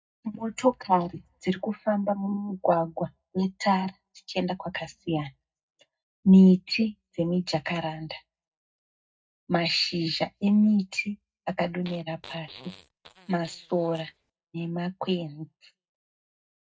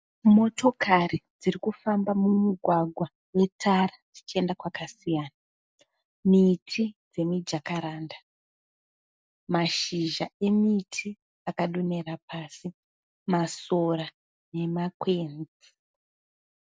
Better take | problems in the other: second | noise reduction (neural mask model DeepFilterNet 3)

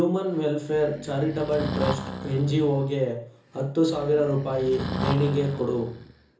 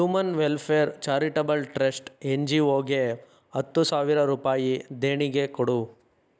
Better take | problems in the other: second | background sound (Breathing); 9 dB below the speech // room echo; dies away in 0.7 s

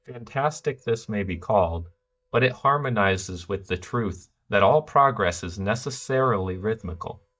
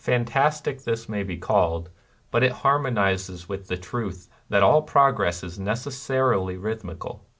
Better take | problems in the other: second | noise reduction (neural mask model DeepFilterNet 3)

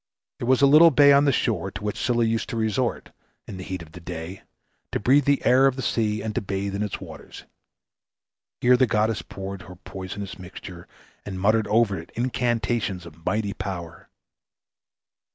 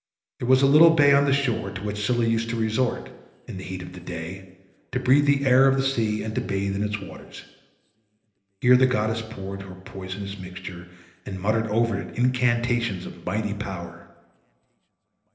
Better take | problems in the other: first | room echo; dies away in 1 s

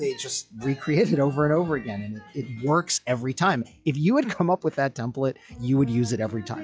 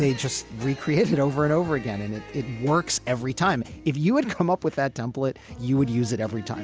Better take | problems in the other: second | noise reduction (classical method log-MMSE)

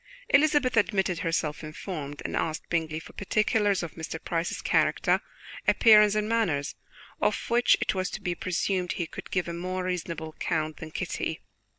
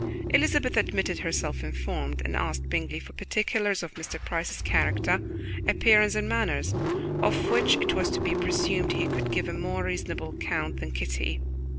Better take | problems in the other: first | background sound (Engine starting / Car); 1 dB below the speech

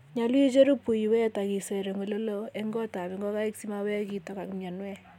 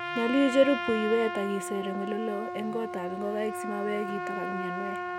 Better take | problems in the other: first | background sound (Trumpet); 5 dB below the speech

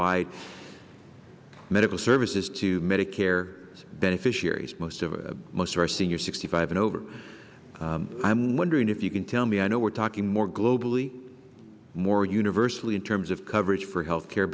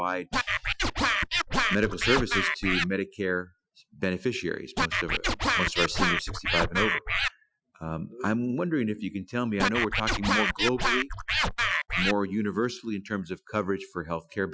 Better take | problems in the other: first | noise reduction (classical method Wiener filter)

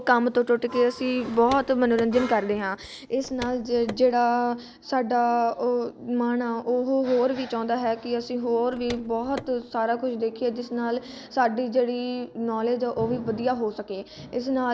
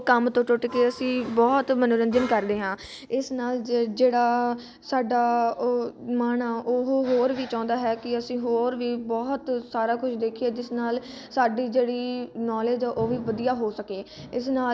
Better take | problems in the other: second | background sound (Car); 16 dB below the speech

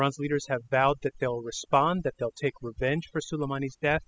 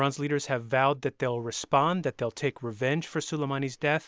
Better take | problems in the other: second | noise reduction (classical method spectral subtraction)

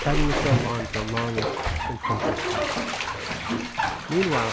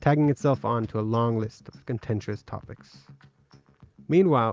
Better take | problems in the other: second | background sound (Bathtub (filling or washing)); 3 dB above the speech

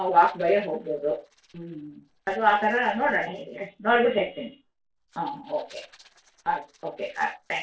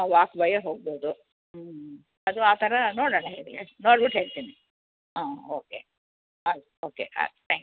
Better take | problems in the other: second | noise reduction (neural separator model SepFormer DNS4)

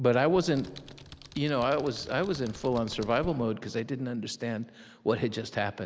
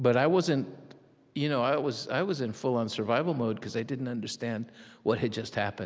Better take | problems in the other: second | background sound (Computer keyboard); 17 dB below the speech

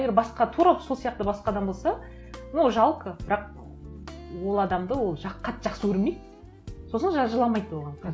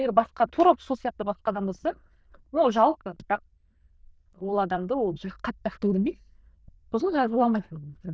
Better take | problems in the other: first | noise reduction (neural diffusion model UNIVERSE++)

